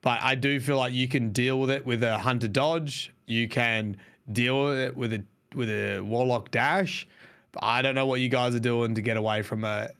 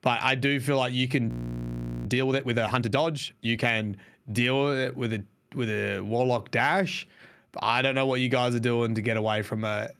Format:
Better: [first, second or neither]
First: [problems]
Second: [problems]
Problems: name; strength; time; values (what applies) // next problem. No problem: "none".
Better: first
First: none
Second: audio freezing; at 1.5 s for 1 s